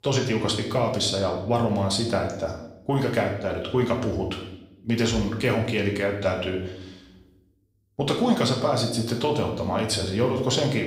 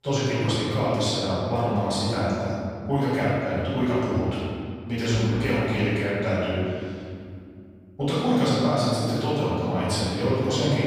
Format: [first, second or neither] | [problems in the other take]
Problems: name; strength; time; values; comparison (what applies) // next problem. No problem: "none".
first | room echo; strong; dies away in 2.3 s; slight in the first // off-mic speech; far; somewhat distant in the first